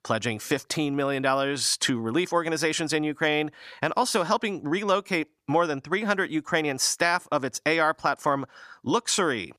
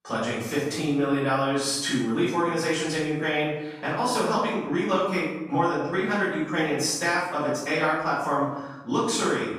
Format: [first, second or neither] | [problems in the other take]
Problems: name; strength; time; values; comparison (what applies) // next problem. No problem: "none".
first | off-mic speech; far // room echo; strong; dies away in 0.9 s